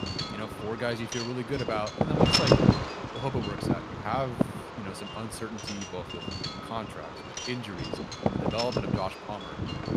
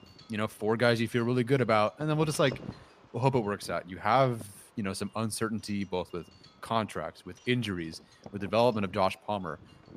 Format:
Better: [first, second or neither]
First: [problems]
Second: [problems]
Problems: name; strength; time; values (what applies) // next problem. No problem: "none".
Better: second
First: wind noise on the microphone; heavy; 3 dB above the speech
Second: wind noise on the microphone; occasional gusts; 25 dB below the speech